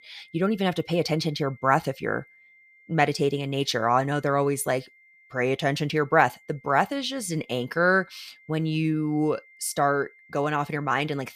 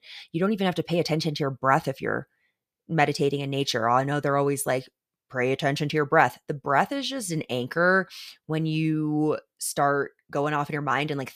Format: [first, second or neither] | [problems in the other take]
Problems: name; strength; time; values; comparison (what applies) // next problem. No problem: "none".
second | high-pitched whine; faint; throughout; 2 kHz, 30 dB below the speech